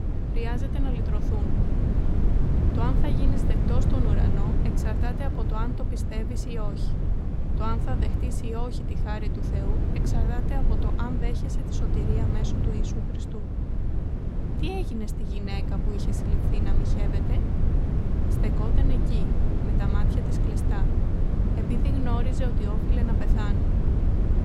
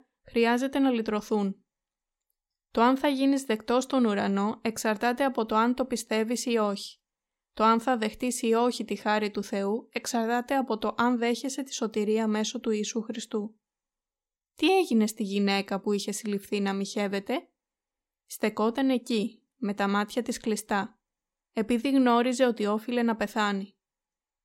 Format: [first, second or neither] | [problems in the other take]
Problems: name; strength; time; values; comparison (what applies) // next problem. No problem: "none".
second | wind noise on the microphone; heavy; 1 dB above the speech